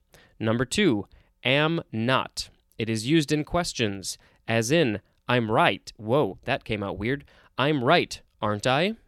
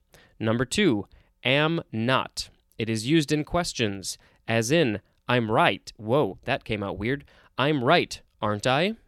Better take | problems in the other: neither | none

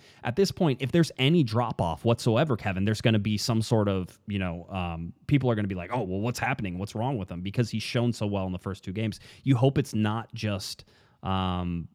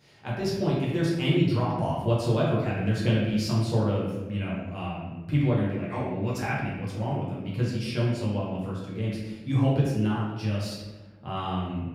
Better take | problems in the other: first | off-mic speech; far // room echo; noticeable; dies away in 1 s

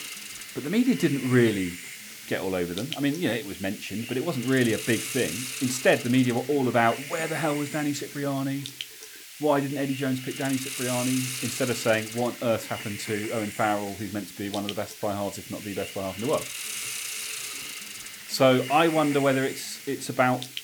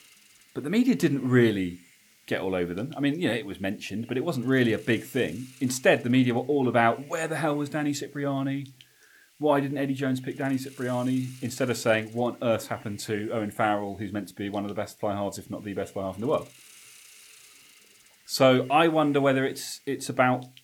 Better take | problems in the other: second | hiss; loud; throughout; 8 dB below the speech; faint in the second

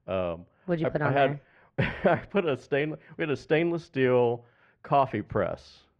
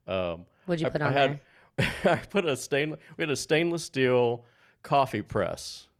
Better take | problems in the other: second | muffled; very; fading above 2 kHz

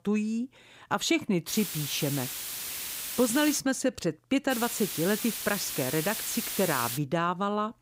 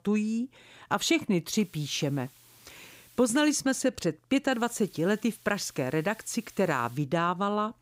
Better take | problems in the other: second | hiss; loud; from 1.5 to 3.5 s and from 4.5 to 7 s; 4 dB below the speech; faint in the second

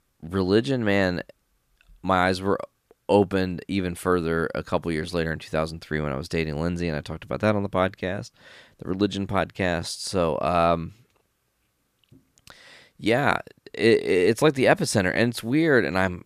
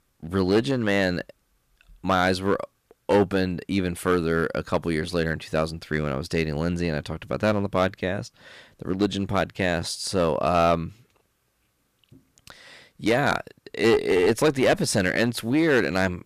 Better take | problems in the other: first | distortion; slight; 4% of the sound clipped

